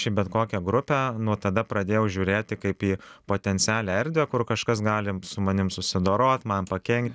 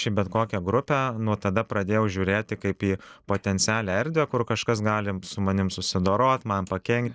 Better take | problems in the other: first | noise reduction (neural mask model Resemble Enhance denoiser)

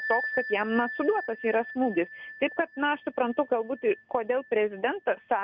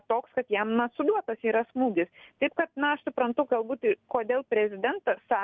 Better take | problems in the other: second | background sound (Bell); 11 dB below the speech

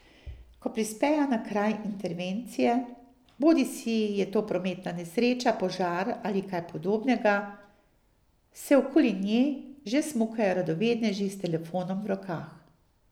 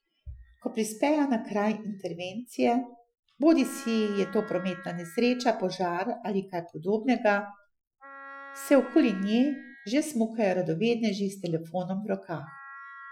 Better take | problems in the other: first | noise reduction (classical method Wiener filter)

